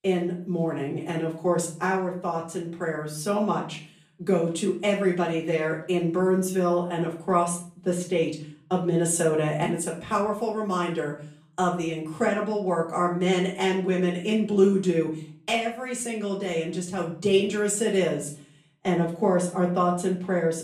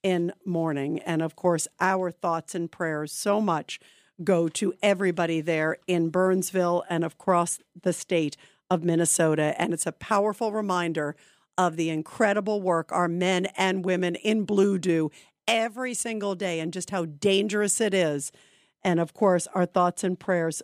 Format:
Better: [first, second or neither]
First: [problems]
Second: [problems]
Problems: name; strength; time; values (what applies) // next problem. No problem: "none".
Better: second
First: room echo; slight; dies away in 0.5 s // off-mic speech; far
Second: none